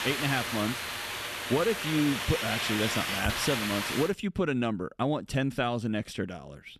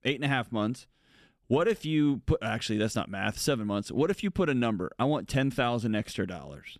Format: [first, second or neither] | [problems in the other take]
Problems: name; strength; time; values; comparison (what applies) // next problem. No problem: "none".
second | hiss; loud; until 4 s; 1 dB below the speech